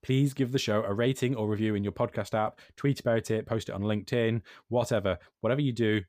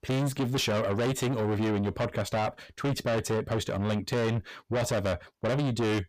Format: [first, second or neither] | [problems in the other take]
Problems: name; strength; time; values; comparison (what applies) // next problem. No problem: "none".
first | distortion; heavy; 6 dB below the speech